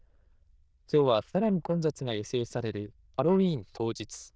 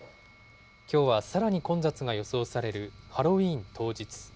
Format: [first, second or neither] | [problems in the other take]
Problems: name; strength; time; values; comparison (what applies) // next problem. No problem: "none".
second | noise reduction (neural diffusion model UNIVERSE++)